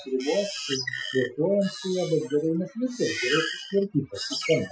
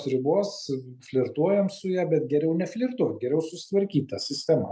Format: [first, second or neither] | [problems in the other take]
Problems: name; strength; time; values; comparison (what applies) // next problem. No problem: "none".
second | noise reduction (classical method Wiener filter)